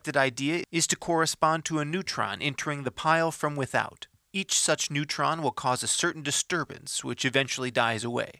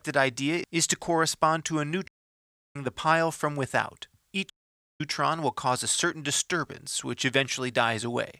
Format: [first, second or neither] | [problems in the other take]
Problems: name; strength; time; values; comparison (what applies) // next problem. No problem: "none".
first | audio cutting out; at 2 s for 0.5 s and at 4.5 s for 0.5 s